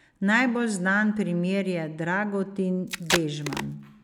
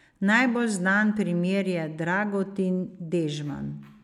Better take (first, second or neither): second